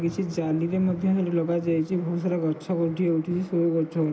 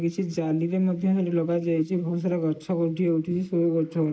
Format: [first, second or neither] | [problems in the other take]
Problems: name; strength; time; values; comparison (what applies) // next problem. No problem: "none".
first | noise reduction (neural mask model Resemble Enhance denoiser)